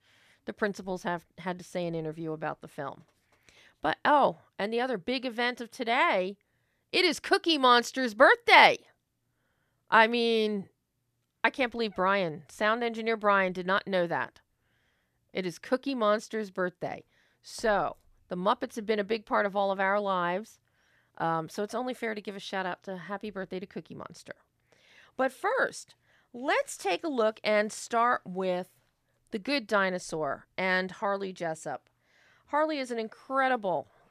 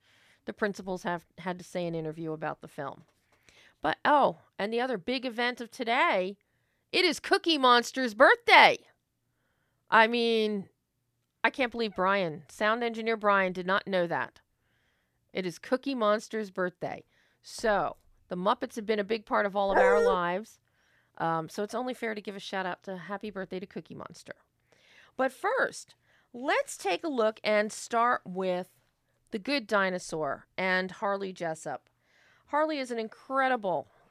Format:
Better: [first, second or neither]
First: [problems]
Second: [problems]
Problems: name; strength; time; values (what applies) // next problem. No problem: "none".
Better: first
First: none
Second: dog barking; loud; at 20 s; peak 5 dB above the speech